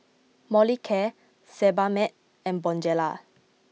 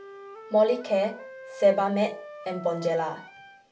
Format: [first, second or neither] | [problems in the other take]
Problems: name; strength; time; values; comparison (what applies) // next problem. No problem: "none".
first | background sound (Wind instrument, woodwind instrument); 17 dB below the speech // room echo; dies away in 0.3 s